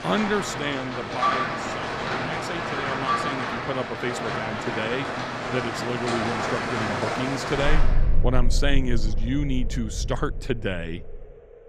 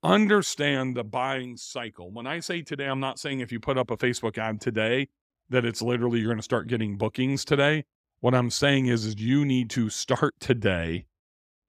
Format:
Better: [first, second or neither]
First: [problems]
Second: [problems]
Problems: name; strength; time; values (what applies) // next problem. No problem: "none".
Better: second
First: rain or running water; very loud; throughout; 2 dB above the speech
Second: none